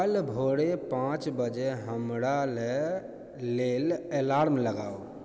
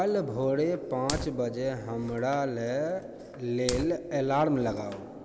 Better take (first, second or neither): first